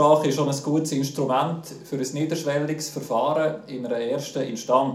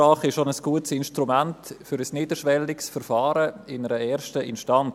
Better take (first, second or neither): second